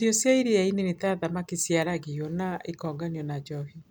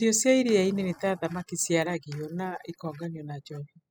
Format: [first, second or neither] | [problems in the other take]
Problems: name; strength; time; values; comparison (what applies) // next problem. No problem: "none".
first | noise reduction (classical method spectral subtraction)